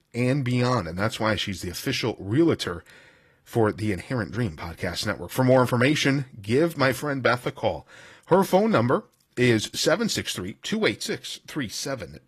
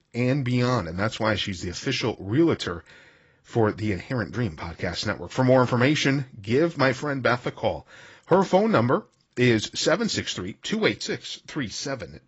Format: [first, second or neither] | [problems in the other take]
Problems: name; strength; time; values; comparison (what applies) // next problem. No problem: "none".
first | garbled, watery; badly; nothing above 7.5 kHz; slightly in the first